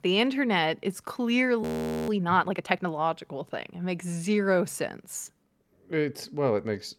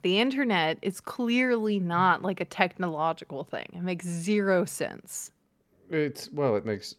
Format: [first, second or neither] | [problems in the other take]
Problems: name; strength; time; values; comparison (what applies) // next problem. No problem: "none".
second | audio freezing; at 1.5 s